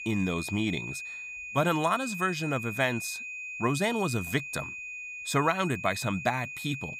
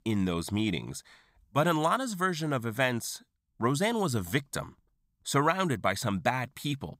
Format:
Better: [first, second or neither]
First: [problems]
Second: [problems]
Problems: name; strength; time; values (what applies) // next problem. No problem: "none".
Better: second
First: high-pitched whine; loud; throughout; 2.5 kHz, 7 dB below the speech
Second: none